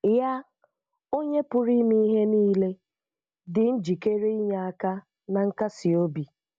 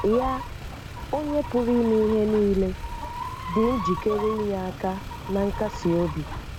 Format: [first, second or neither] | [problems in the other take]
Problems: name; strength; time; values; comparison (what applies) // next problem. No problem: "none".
first | background sound (Chicken, rooster + Motor vehicle (road)); 8 dB below the speech